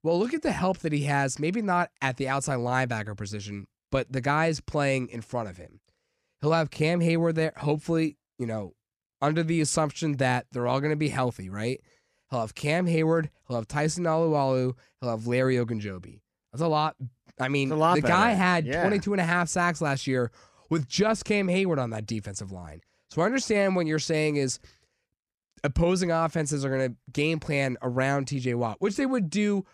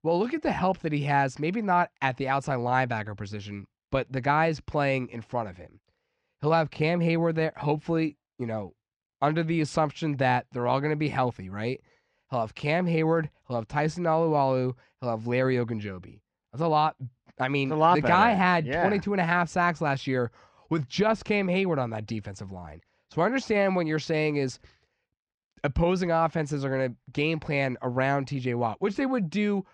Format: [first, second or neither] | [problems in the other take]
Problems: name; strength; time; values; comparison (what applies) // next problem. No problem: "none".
first | muffled; slightly; fading above 3.5 kHz